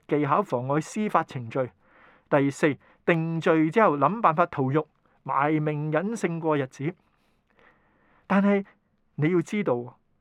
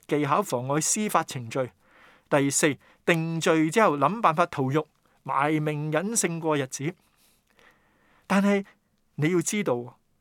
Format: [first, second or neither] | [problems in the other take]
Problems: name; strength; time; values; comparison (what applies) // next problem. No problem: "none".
second | muffled; very; fading above 4 kHz